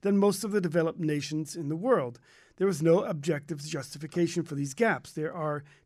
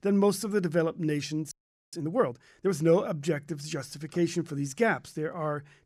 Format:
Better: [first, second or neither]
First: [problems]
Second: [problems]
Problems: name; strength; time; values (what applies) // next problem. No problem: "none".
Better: first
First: none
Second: audio freezing; at 1.5 s